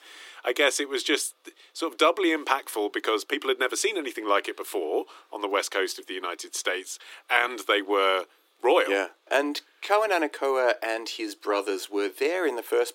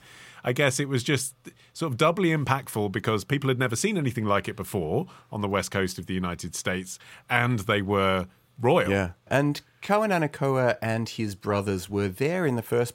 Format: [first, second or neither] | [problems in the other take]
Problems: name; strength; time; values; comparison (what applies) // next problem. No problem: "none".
second | thin; very; fading below 300 Hz